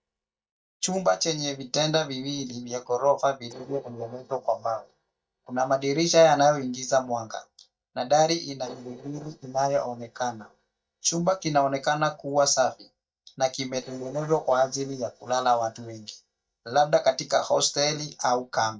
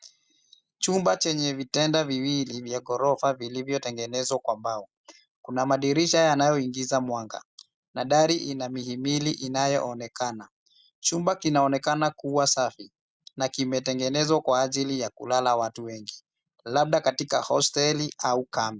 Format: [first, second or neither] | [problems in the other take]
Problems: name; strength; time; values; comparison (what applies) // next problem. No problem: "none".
second | noise reduction (neural mask model DeepFilterNet 3)